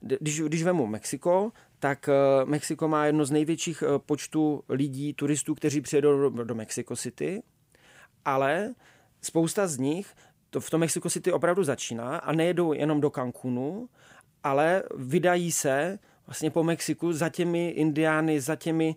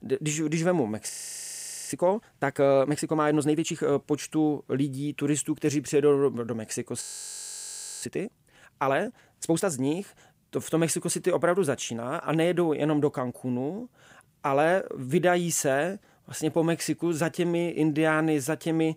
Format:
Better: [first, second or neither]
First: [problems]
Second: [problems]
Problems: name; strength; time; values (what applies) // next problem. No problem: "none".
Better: first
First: none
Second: audio freezing; at 1 s for 1 s and at 7 s for 1 s